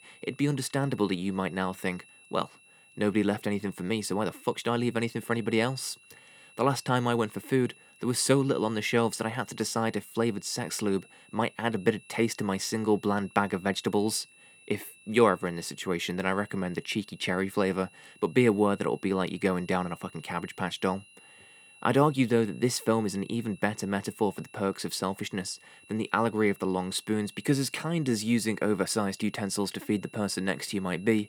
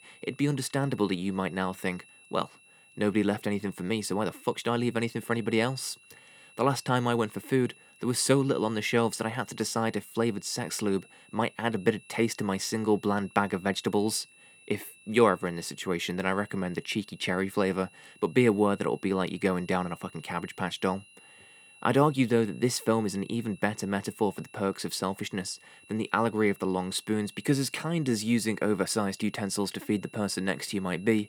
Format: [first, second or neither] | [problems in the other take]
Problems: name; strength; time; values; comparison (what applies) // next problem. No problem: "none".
neither | high-pitched whine; faint; throughout; 2.5 kHz, 25 dB below the speech; the same in both